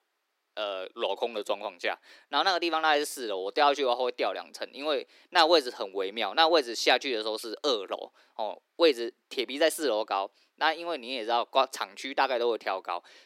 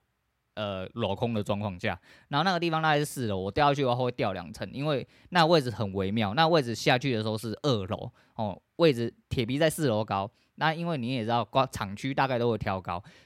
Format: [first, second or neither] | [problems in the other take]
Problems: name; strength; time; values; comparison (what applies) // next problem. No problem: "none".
second | thin; very; fading below 300 Hz